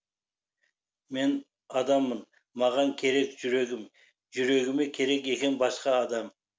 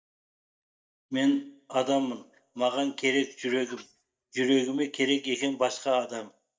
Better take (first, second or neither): first